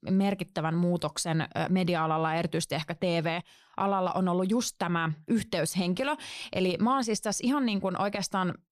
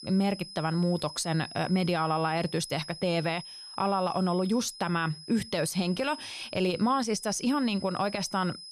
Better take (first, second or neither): first